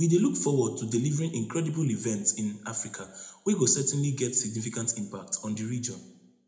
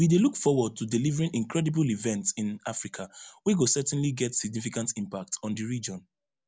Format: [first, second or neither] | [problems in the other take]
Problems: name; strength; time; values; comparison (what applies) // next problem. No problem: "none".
second | room echo; dies away in 0.6 s